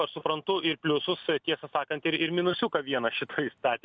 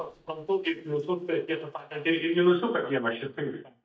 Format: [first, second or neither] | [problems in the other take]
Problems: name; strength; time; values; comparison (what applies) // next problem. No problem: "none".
first | noise reduction (neural mask model DeepFilterNet 3)